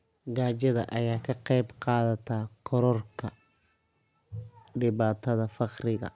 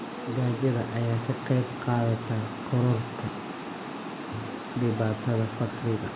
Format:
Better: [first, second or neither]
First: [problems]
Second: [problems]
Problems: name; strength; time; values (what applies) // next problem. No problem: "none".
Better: first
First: none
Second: background sound (Water); 7 dB below the speech // room echo; dies away in 0.7 s